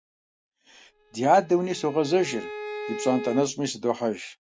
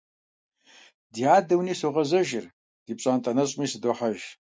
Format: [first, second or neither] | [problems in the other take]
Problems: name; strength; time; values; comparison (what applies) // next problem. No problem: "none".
second | background sound (Bowed string instrument); 12 dB below the speech